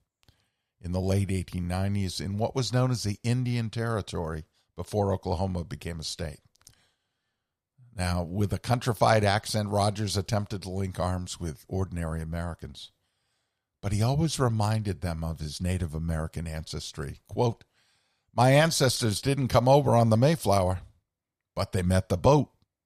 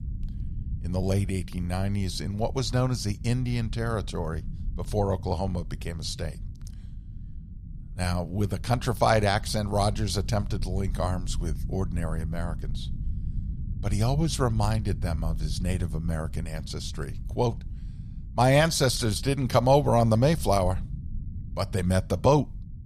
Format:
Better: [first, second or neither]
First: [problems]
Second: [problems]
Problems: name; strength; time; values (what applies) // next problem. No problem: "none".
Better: first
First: none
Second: low rumble; faint; throughout; 20 dB below the speech